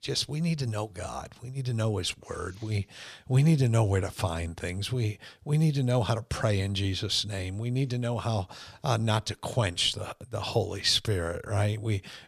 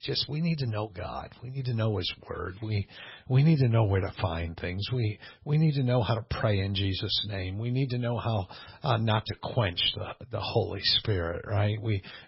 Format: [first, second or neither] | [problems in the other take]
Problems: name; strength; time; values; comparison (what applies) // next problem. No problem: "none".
first | garbled, watery; badly; nothing above 5.5 kHz